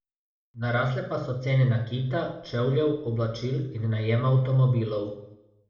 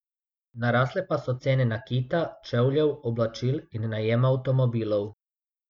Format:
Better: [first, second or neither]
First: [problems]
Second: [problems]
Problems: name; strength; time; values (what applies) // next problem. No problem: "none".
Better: second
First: room echo; dies away in 0.7 s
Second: none